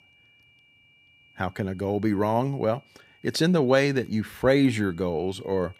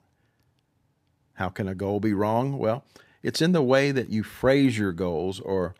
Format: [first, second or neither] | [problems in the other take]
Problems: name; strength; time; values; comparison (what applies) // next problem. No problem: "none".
second | high-pitched whine; faint; throughout; 2.5 kHz, 30 dB below the speech